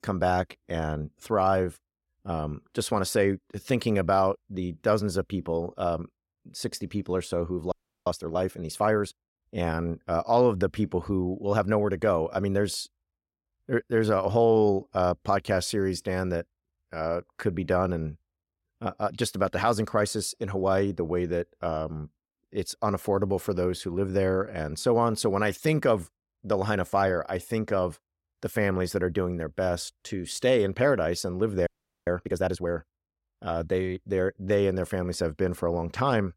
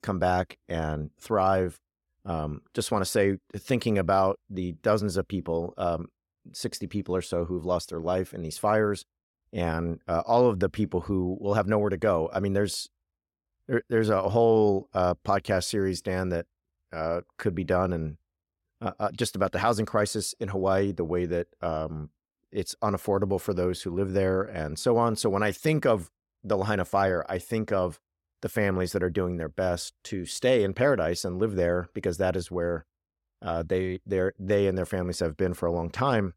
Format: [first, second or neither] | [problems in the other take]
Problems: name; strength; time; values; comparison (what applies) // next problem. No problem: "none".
second | audio freezing; at 7.5 s and at 32 s